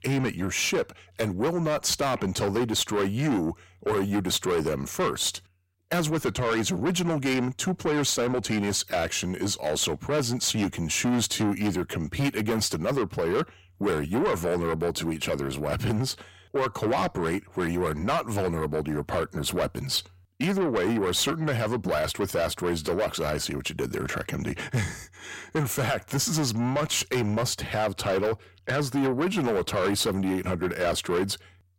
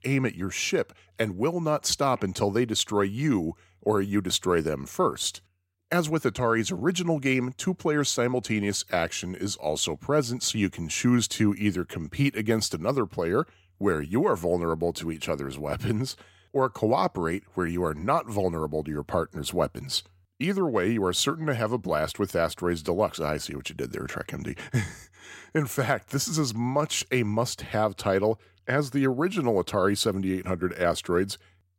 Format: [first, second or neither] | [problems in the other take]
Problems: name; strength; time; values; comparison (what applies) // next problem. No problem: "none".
second | distortion; heavy; 7 dB below the speech